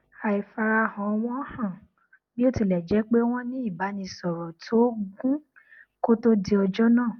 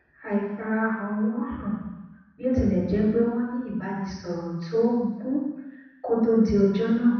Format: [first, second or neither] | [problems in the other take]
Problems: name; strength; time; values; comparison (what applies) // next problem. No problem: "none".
first | room echo; dies away in 1.1 s